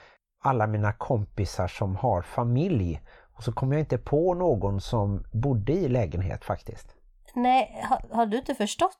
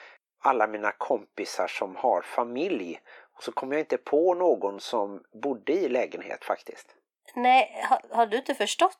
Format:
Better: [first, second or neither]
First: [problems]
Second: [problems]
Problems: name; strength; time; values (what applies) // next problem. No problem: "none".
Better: first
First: none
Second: thin; somewhat; fading below 300 Hz